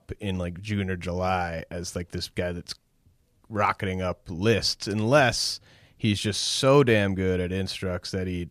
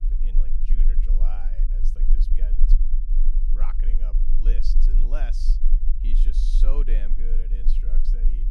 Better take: first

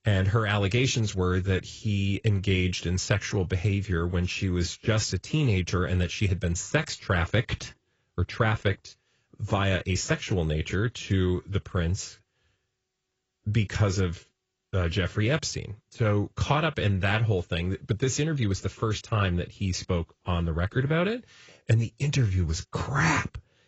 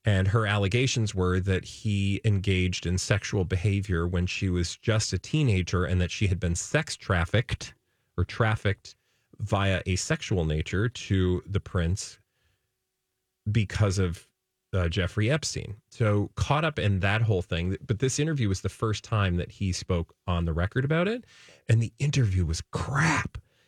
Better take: second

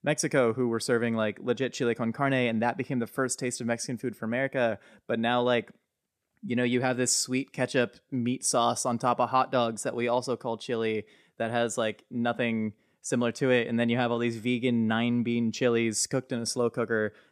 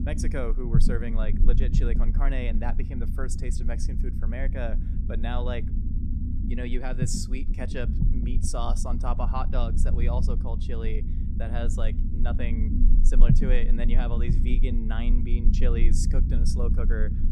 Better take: first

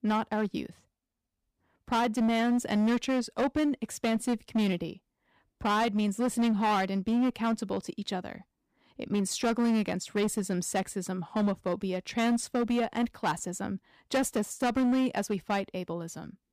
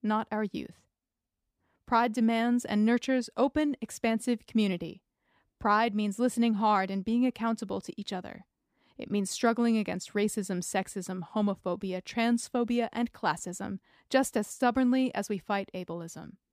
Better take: second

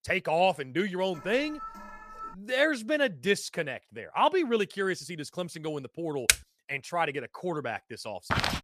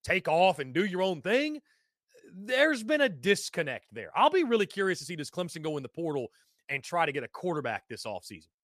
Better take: second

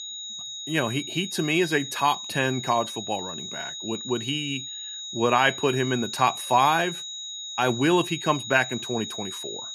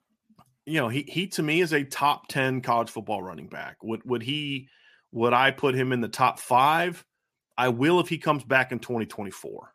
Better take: second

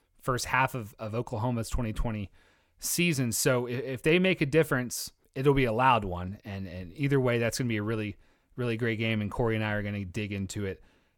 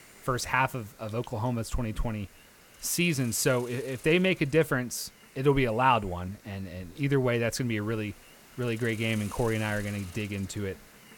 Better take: first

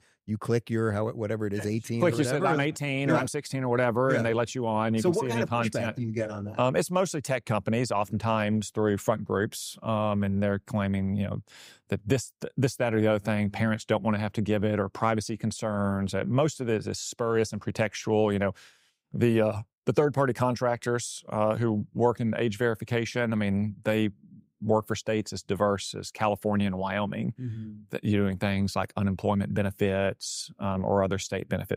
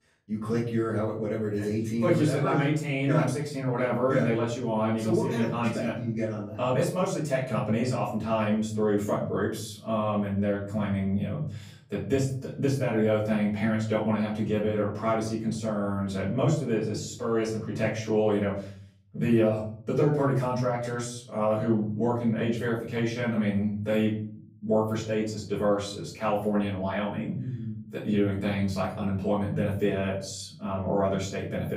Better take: first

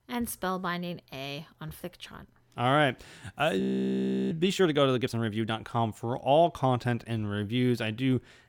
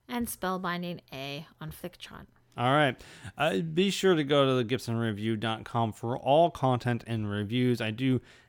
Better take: second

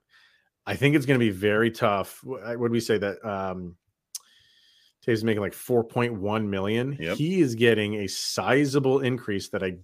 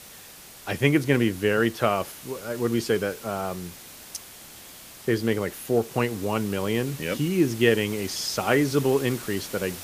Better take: first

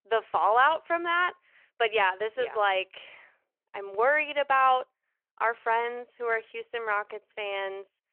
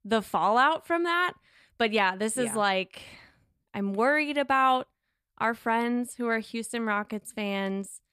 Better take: second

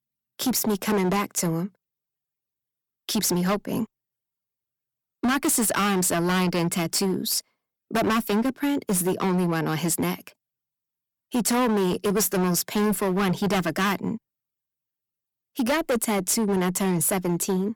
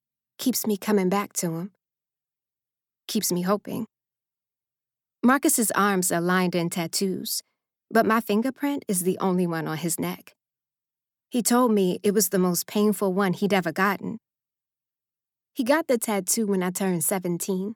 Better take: second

